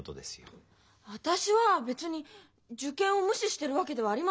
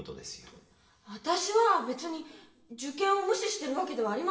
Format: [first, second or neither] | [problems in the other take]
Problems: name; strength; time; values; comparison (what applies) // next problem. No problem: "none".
first | room echo; dies away in 1 s